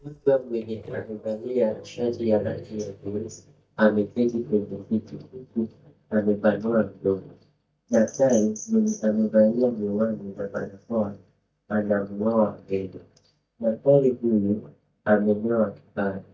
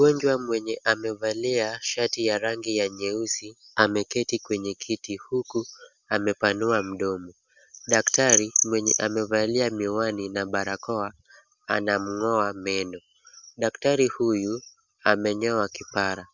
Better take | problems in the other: second | noise reduction (neural mask model DeepFilterNet 3)

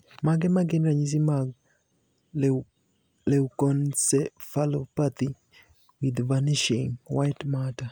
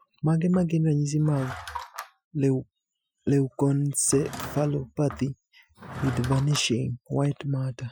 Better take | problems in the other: first | noise reduction (classical method Wiener filter)

